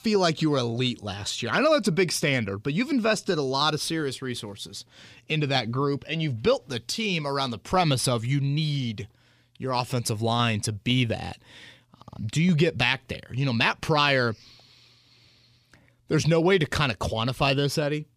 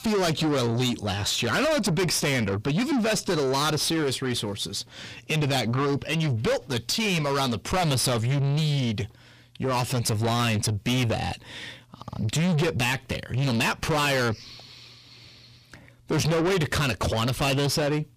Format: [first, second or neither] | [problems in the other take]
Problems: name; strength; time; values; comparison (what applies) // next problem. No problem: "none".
first | distortion; heavy; 6 dB below the speech